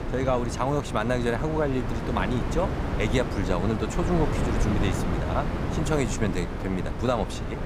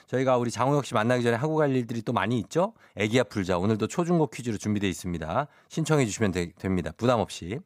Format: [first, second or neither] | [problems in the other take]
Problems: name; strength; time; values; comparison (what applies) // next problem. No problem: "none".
second | wind noise on the microphone; heavy; 5 dB below the speech